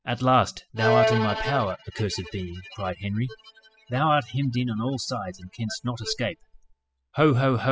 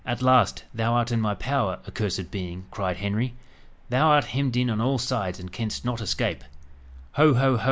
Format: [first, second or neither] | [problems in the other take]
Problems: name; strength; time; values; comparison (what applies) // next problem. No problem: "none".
second | noise reduction (classical method spectral subtraction)